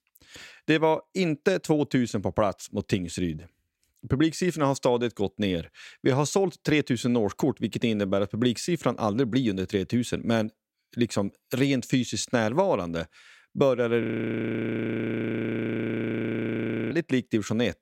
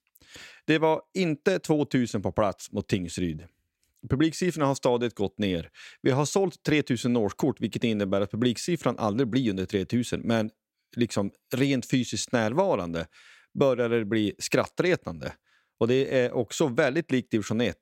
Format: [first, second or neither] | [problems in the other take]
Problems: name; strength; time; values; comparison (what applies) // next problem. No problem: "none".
second | audio freezing; at 14 s for 3 s